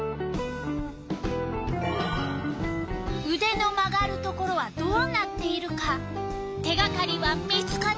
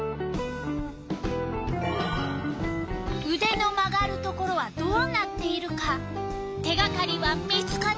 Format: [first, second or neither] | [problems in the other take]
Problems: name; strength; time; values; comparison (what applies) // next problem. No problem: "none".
first | background sound (Telephone); 15 dB below the speech